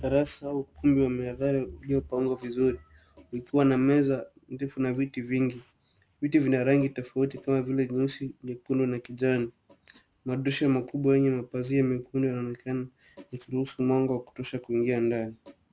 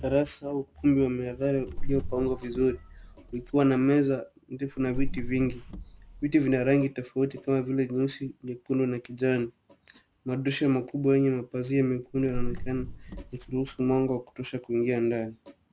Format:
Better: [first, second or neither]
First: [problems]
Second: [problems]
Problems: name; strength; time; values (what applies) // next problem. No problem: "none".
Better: first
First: none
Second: background sound (Car); 6 dB below the speech